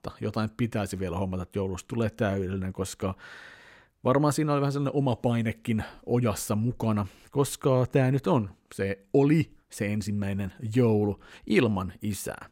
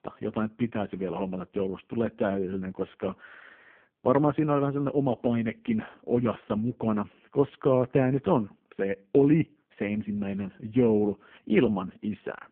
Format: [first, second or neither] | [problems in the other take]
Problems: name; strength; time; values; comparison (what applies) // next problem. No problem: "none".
first | phone-call audio; poor line